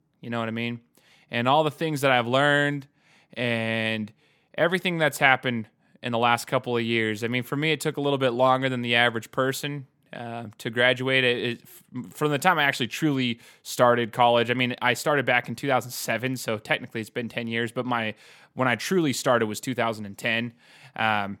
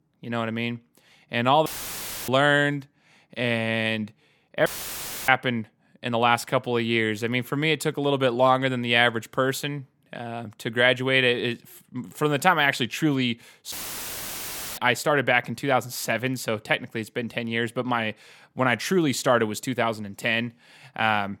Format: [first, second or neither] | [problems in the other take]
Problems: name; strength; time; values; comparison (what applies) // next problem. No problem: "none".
first | audio cutting out; filled with static; at 1.5 s for 0.5 s, at 4.5 s for 0.5 s and at 14 s for 1 s